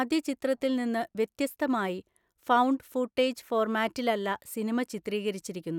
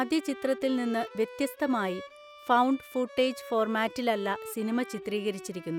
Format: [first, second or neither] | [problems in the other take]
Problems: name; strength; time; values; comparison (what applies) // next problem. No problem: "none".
first | background sound (Bowed string instrument); 15 dB below the speech